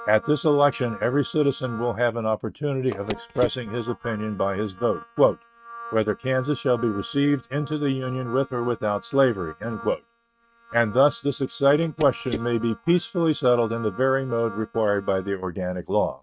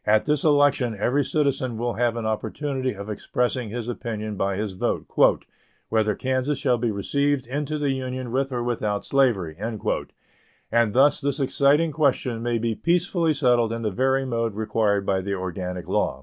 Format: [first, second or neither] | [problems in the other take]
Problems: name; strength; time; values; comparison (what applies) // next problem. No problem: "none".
second | noise reduction (neural mask model RNNoise)